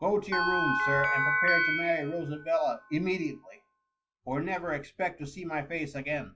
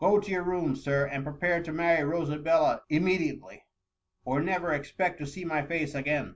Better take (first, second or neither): second